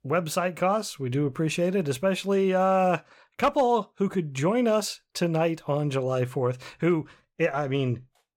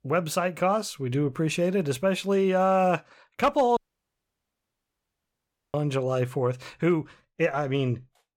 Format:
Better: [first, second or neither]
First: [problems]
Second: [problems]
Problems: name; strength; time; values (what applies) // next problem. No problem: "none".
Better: first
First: none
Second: audio cutting out; at 4 s for 2 s